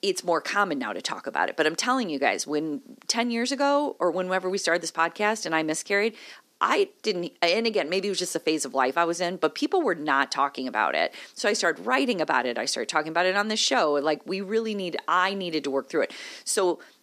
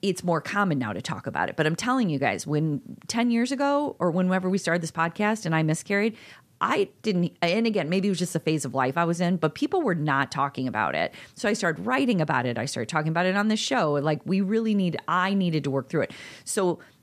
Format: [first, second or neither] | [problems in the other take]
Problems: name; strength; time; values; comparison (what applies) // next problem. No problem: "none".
second | thin; somewhat; fading below 300 Hz